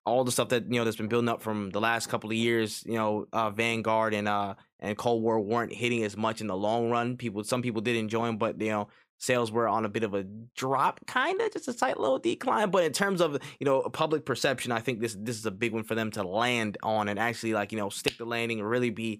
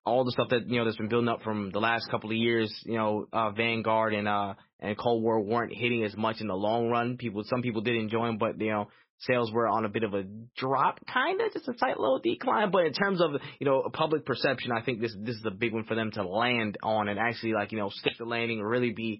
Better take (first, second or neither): first